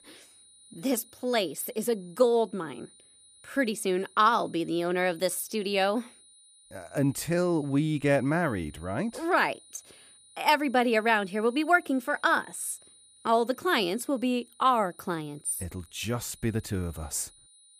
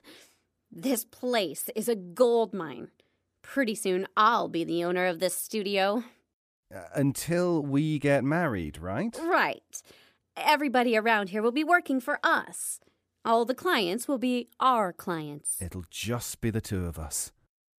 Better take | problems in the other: second | high-pitched whine; faint; throughout; 9.5 kHz, 25 dB below the speech

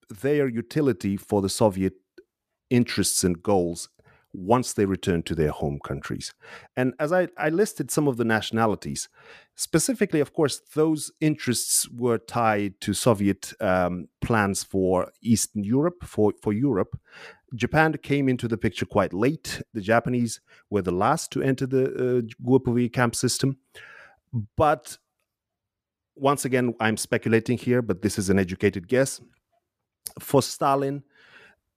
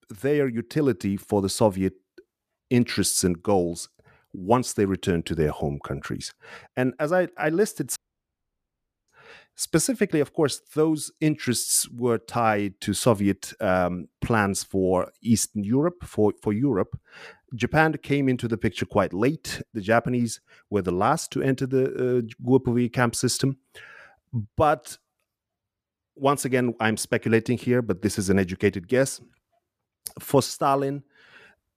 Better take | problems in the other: first | audio cutting out; at 8 s for 1 s

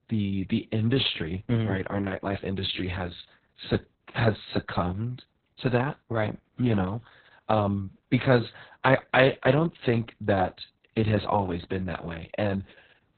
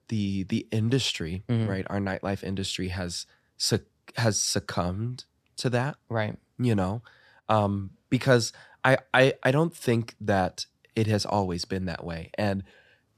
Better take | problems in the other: second | garbled, watery; badly; nothing above 4 kHz

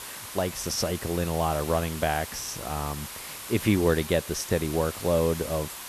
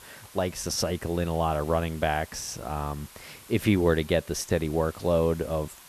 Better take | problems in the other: second | hiss; loud; throughout; 9 dB below the speech; faint in the second

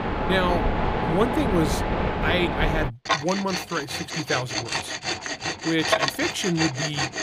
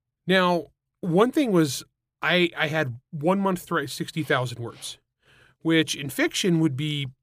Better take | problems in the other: second | machinery noise; very loud; throughout; 1 dB above the speech

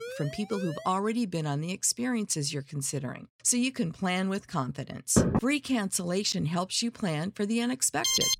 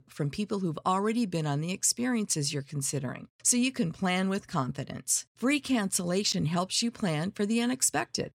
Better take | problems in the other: second | siren; faint; at the start; peak 10 dB below the speech // door banging; loud; at 5 s; peak 3 dB above the speech // alarm; very faint; at 8 s; peak 5 dB above the speech

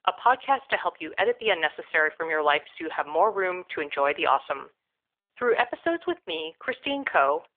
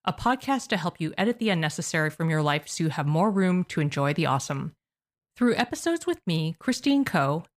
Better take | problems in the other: second | phone-call audio

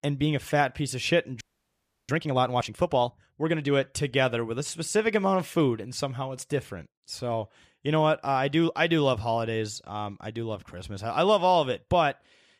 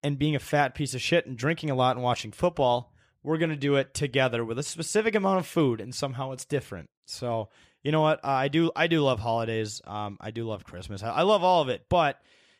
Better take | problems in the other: second | audio freezing; at 1.5 s for 0.5 s

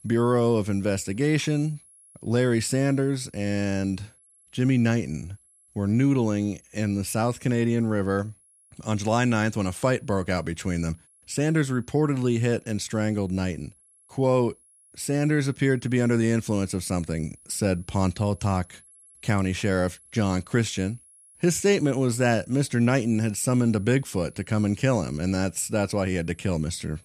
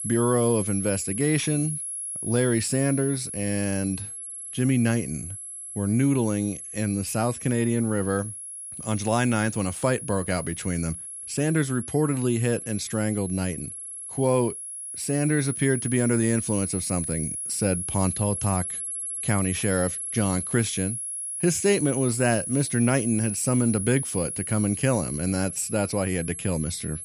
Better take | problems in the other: first | high-pitched whine; loud; throughout; 11 kHz, 6 dB below the speech; faint in the first

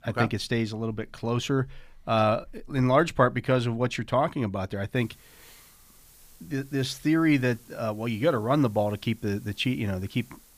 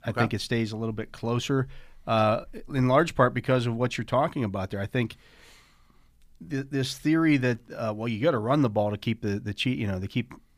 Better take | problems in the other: second | hiss; faint; from 5 s on; 25 dB below the speech

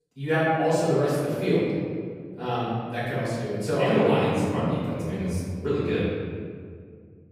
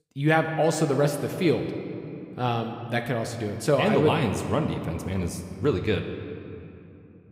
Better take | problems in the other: second | room echo; strong; dies away in 1.9 s; slight in the second // off-mic speech; far

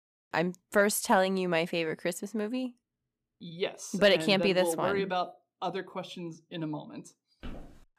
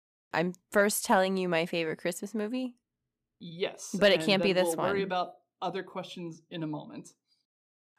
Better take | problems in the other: second | footsteps; faint; at 7.5 s; peak 20 dB below the speech

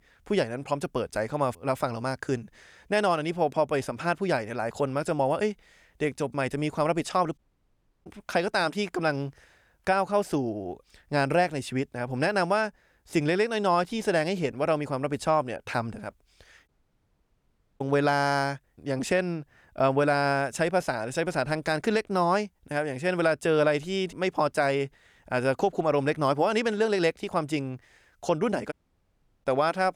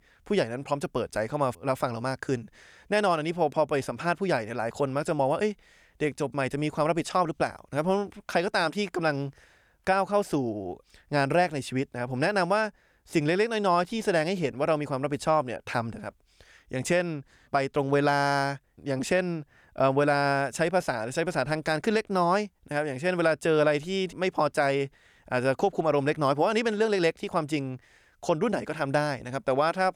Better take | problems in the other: second | audio cutting out; at 7.5 s for 0.5 s, at 17 s for 1 s and at 29 s for 0.5 s

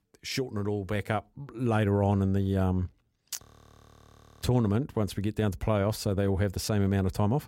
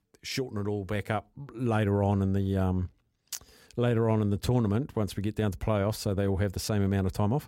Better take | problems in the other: second | audio freezing; at 3.5 s for 1 s

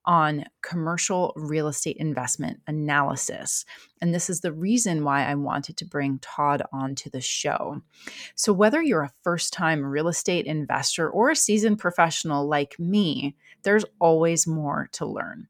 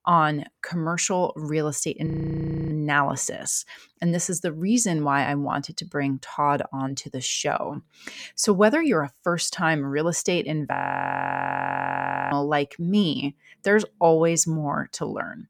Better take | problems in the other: first | audio freezing; at 2 s for 0.5 s and at 11 s for 1.5 s

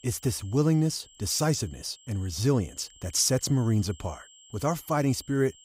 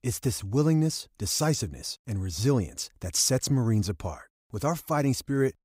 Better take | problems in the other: second | high-pitched whine; faint; throughout; 7.5 kHz, 25 dB below the speech

